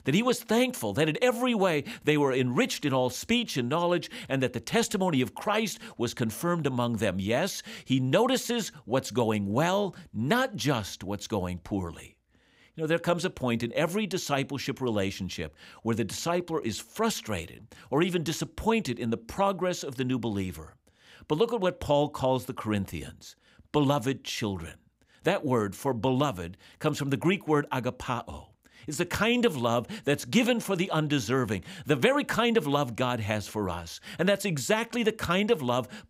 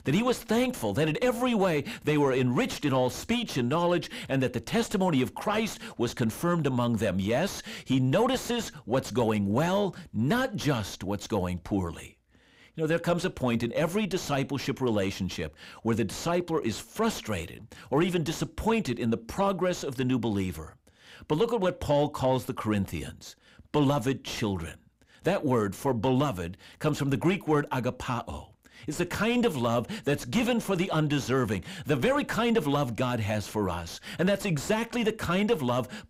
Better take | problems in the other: first | distortion; slight; 10 dB below the speech

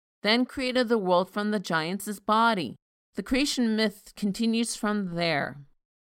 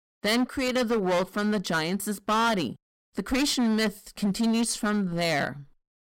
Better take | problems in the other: first | distortion; heavy; 14% of the sound clipped

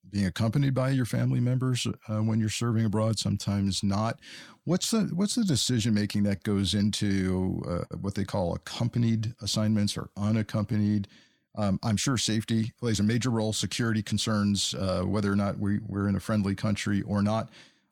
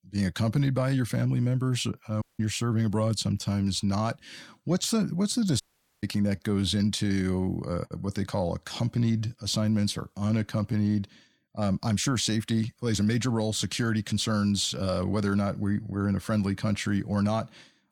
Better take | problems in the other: first | audio cutting out; at 2 s and at 5.5 s

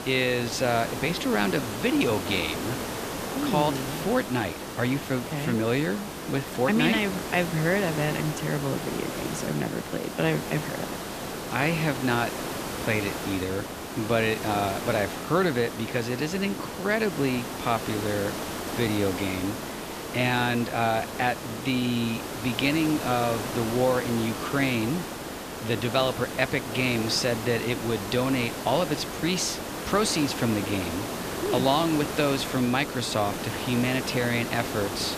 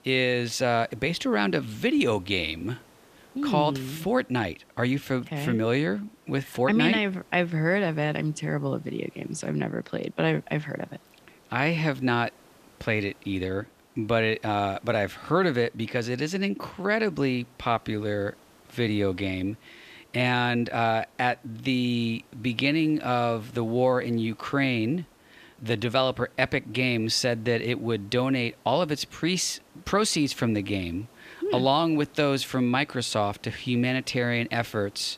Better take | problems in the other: second | hiss; loud; throughout; 6 dB below the speech; faint in the second

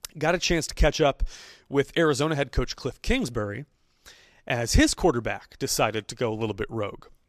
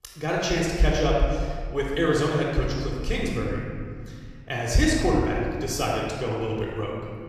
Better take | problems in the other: first | off-mic speech; far // room echo; noticeable; dies away in 2.2 s

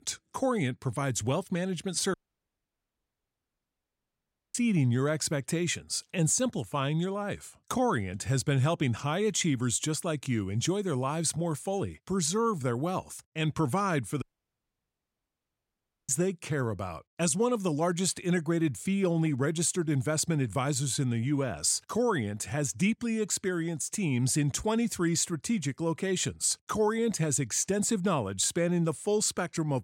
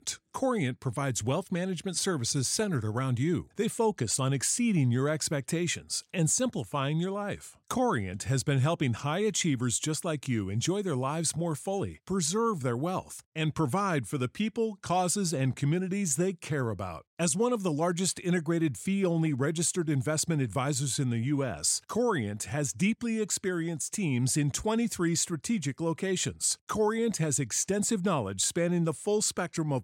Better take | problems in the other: second | audio cutting out; at 2 s for 2.5 s and at 14 s for 2 s

